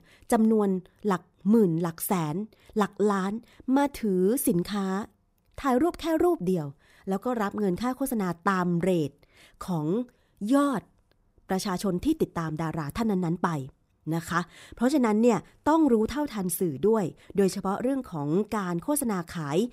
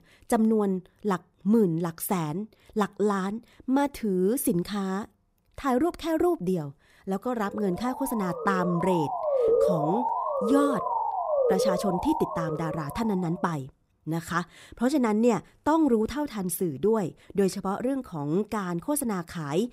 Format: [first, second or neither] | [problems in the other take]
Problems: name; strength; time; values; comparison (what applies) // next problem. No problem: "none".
first | siren; loud; from 7.5 to 13 s; peak 5 dB above the speech